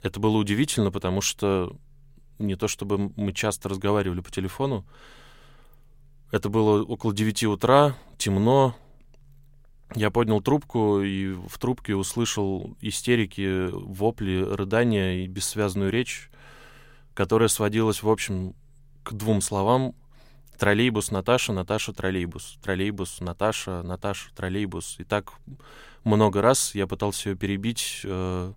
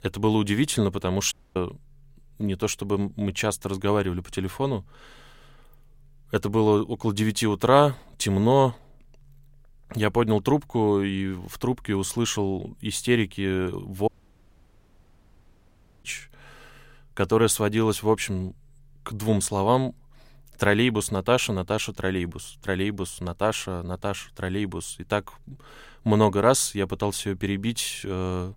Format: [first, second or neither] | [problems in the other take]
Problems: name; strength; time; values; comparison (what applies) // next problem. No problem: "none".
first | audio cutting out; at 1.5 s and at 14 s for 2 s